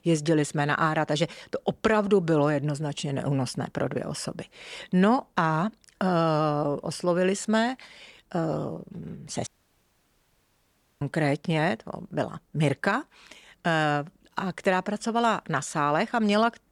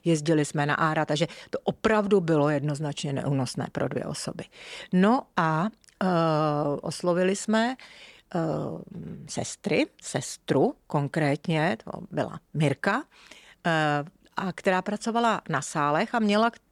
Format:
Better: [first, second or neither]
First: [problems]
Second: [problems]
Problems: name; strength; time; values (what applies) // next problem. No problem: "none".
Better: second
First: audio cutting out; at 9.5 s for 1.5 s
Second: none